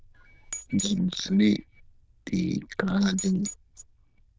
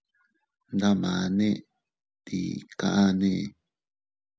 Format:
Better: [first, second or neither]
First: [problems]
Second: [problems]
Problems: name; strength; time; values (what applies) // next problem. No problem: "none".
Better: second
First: noise reduction (neural diffusion model UNIVERSE++)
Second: none